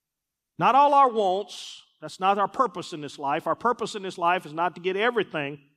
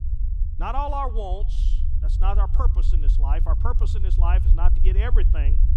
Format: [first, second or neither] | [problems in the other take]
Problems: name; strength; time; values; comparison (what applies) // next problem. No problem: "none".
first | low rumble; noticeable; throughout; 15 dB below the speech